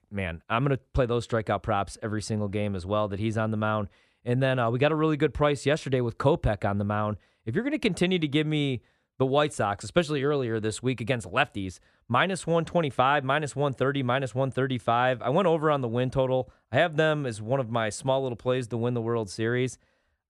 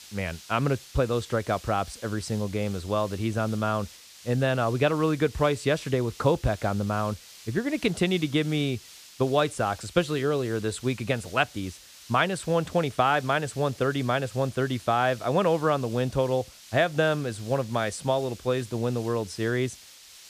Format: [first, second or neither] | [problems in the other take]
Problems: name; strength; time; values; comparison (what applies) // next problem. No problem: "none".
first | hiss; noticeable; throughout; 20 dB below the speech